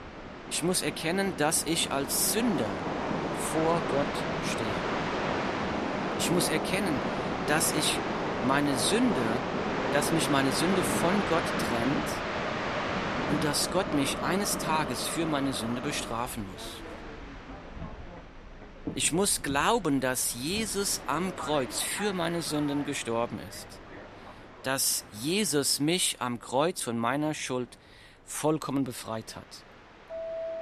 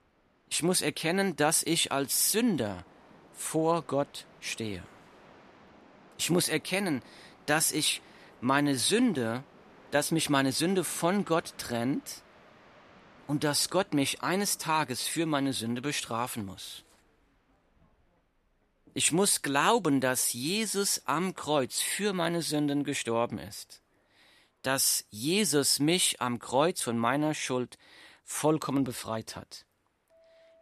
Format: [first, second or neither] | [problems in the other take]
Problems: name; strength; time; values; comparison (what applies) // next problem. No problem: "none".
second | train or aircraft noise; loud; throughout; 4 dB below the speech; faint in the second